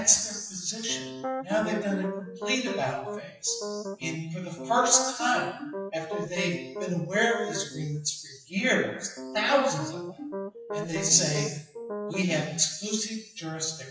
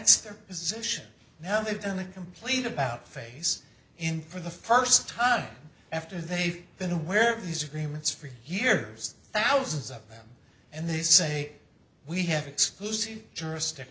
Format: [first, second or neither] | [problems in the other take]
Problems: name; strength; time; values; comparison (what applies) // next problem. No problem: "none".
second | noise reduction (classical method WPE with log-MMSE)